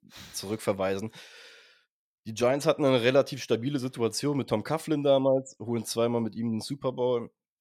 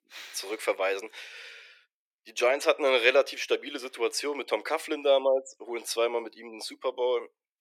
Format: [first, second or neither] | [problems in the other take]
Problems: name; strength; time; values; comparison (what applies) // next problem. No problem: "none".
first | thin; very; fading below 350 Hz